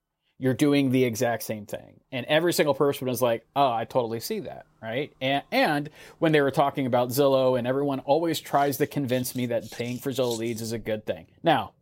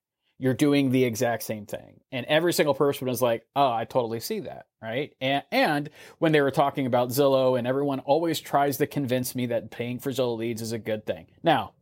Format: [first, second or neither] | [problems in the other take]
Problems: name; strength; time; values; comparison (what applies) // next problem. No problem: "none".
second | household noises; faint; throughout; 20 dB below the speech